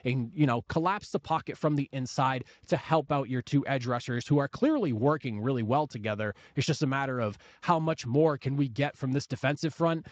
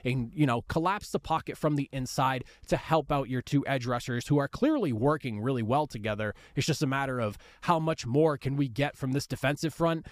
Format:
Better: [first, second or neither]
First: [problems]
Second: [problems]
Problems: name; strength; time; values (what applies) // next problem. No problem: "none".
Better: second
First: garbled, watery; slightly; nothing above 7.5 kHz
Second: none